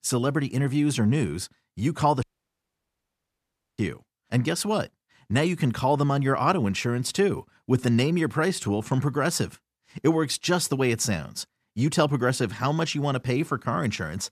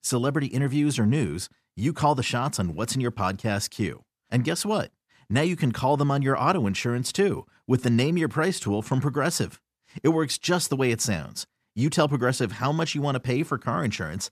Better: second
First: audio cutting out; at 2 s for 1.5 s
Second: none

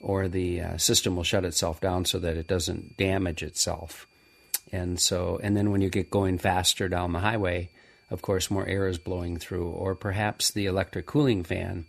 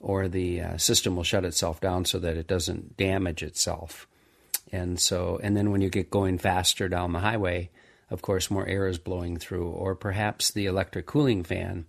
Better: second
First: high-pitched whine; faint; throughout; 2.5 kHz, 35 dB below the speech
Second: none

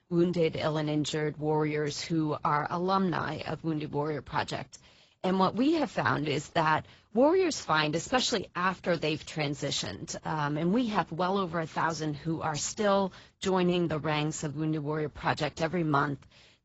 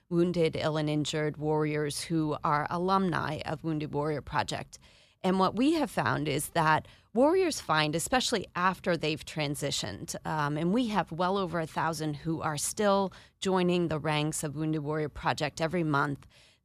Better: second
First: garbled, watery; badly; nothing above 7.5 kHz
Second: none

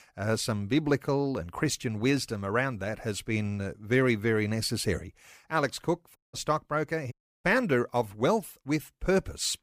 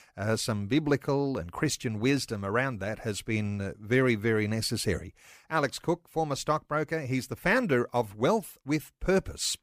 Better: second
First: audio cutting out; at 6 s and at 7 s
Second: none

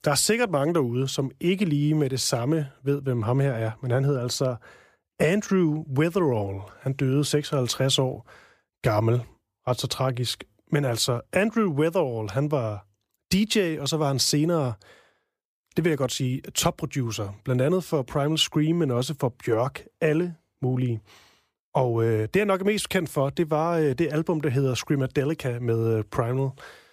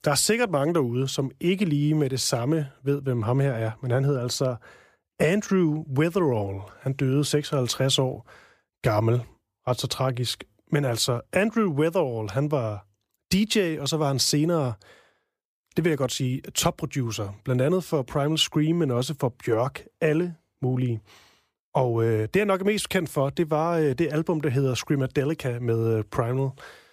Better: neither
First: none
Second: none

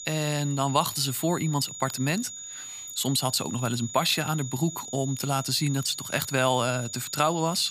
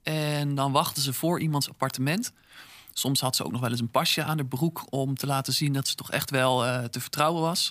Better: second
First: high-pitched whine; loud; throughout; 7 kHz, 10 dB below the speech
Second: none

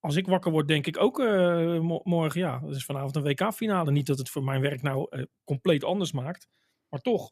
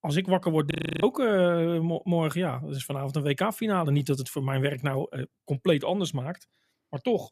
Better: first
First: none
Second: audio freezing; at 0.5 s

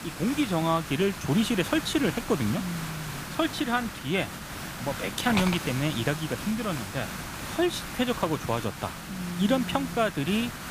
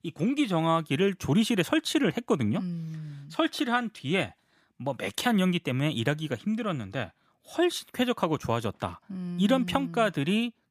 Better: second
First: hiss; loud; throughout; 7 dB below the speech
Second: none

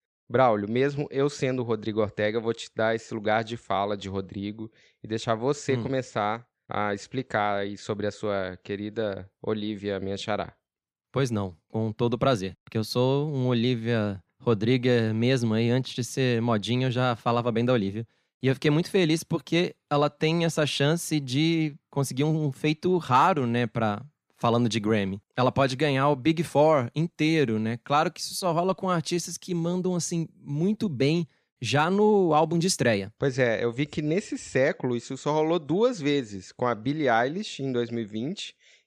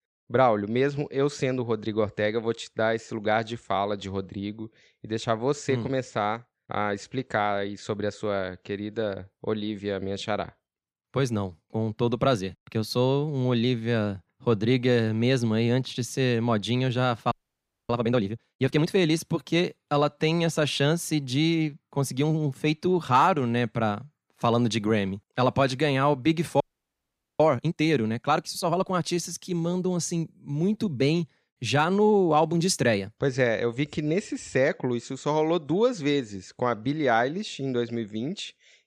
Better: first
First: none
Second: audio freezing; at 17 s for 0.5 s and at 27 s for 1 s

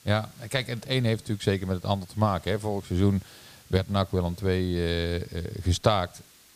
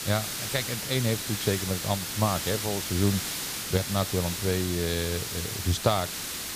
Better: first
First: hiss; faint; throughout; 25 dB below the speech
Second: hiss; loud; throughout; 2 dB below the speech

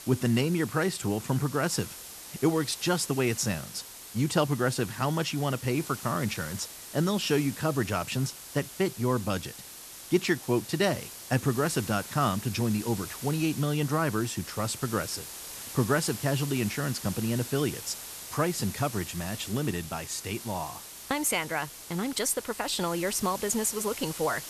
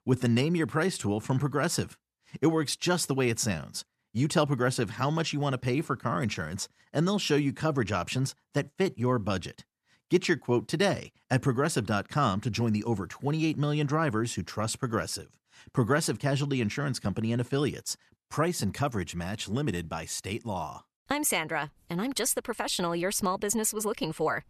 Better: second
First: hiss; noticeable; throughout; 10 dB below the speech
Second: none

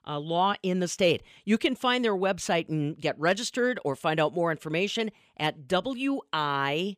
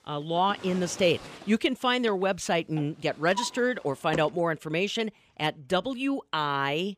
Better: first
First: none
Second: household noises; noticeable; throughout; 15 dB below the speech

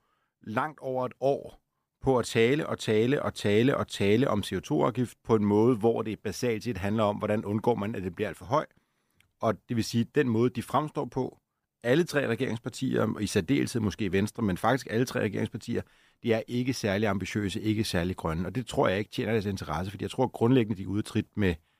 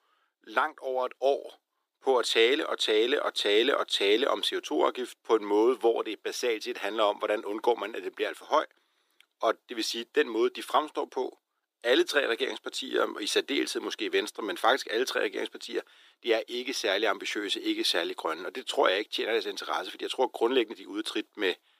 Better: first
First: none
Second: thin; very; fading below 350 Hz

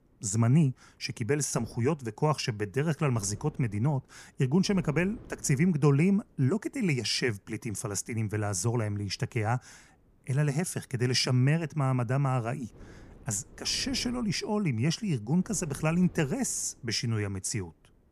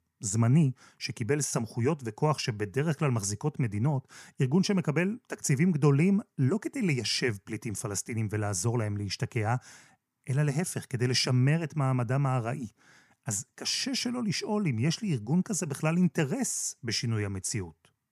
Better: second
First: wind noise on the microphone; occasional gusts; 25 dB below the speech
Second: none

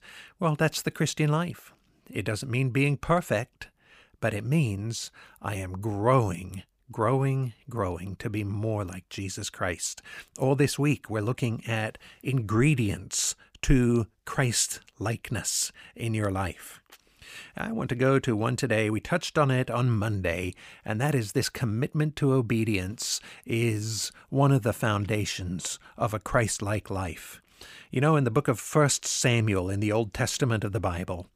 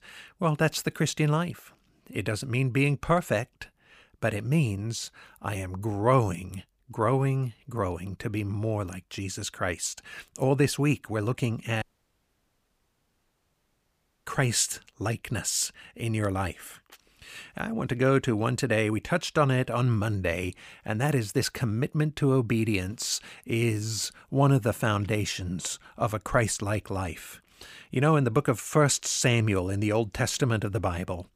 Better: first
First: none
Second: audio cutting out; at 12 s for 2.5 s

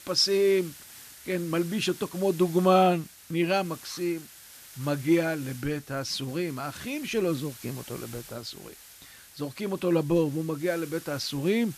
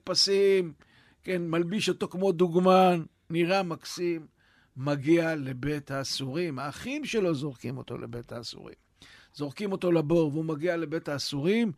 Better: second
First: hiss; noticeable; throughout; 20 dB below the speech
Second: none

